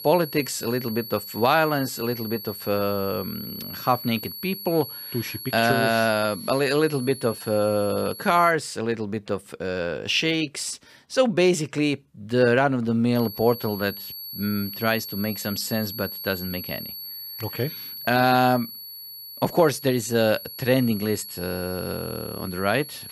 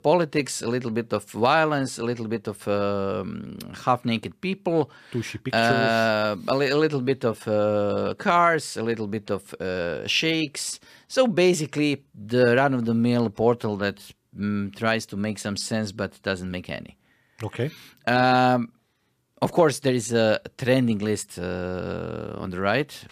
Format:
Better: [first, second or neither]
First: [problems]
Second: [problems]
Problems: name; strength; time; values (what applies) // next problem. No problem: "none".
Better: second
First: high-pitched whine; noticeable; until 8.5 s and from 13 s on; 4.5 kHz, 10 dB below the speech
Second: none